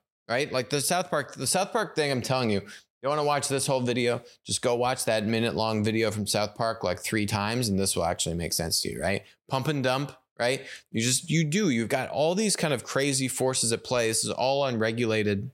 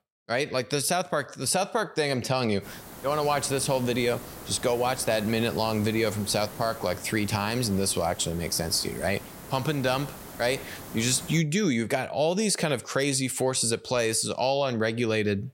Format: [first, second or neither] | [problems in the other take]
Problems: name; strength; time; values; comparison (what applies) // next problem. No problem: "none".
first | hiss; noticeable; from 2.5 to 11 s; 15 dB below the speech